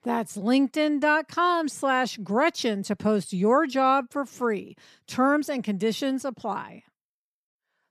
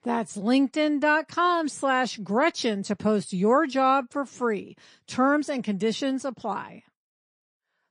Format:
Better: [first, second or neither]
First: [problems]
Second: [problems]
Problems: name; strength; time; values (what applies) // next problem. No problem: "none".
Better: first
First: none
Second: garbled, watery; slightly; nothing above 8.5 kHz